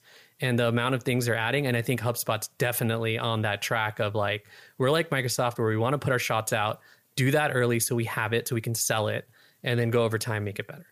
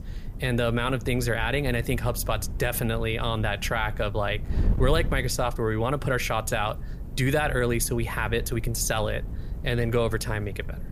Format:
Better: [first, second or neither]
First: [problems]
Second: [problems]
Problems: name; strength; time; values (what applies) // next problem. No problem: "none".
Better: first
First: none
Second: wind noise on the microphone; occasional gusts; 20 dB below the speech